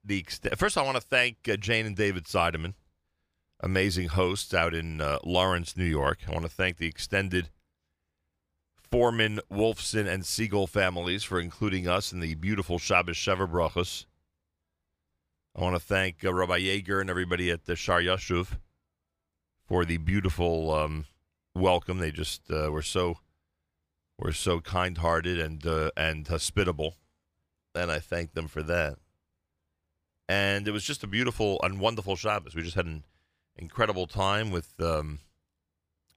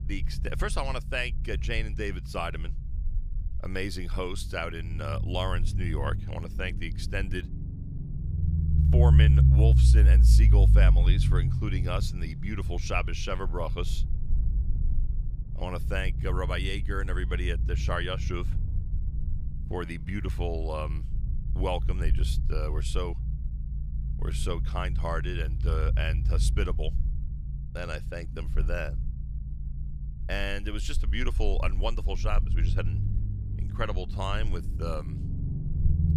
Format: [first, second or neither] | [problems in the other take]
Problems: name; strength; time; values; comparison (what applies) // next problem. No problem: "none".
first | low rumble; loud; throughout; 10 dB below the speech